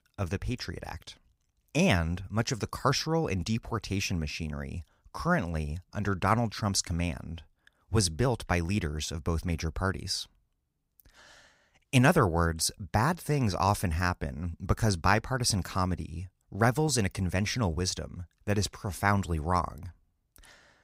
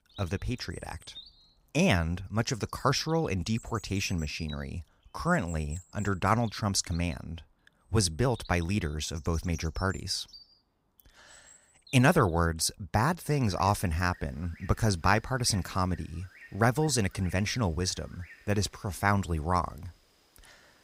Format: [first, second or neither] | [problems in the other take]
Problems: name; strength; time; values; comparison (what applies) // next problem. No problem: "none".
first | animal sounds; faint; throughout; 25 dB below the speech